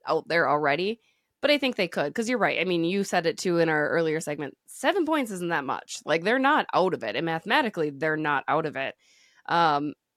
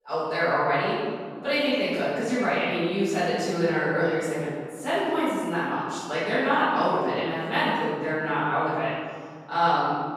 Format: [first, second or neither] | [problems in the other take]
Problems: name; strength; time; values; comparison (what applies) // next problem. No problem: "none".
first | off-mic speech; far // room echo; strong; dies away in 1.7 s